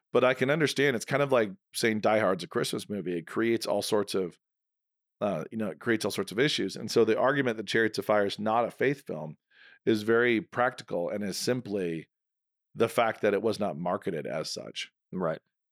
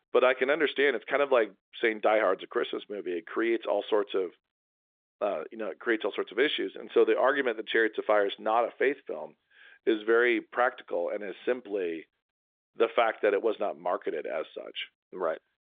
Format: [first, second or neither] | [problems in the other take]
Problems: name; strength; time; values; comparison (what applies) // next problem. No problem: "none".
first | phone-call audio; nothing above 3.5 kHz